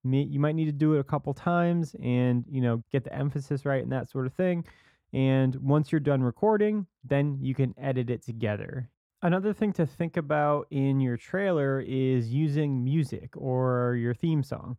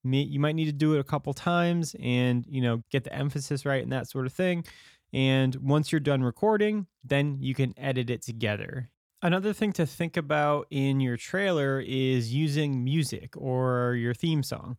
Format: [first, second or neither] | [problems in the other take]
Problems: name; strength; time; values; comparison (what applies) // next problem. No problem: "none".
second | muffled; slightly; fading above 2 kHz